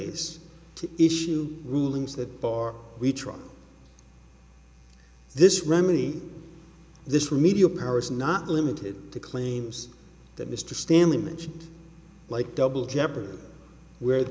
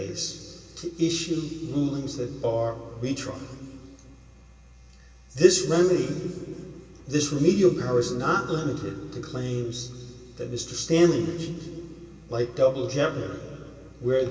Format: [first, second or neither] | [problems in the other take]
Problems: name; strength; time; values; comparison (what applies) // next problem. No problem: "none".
first | room echo; dies away in 2.4 s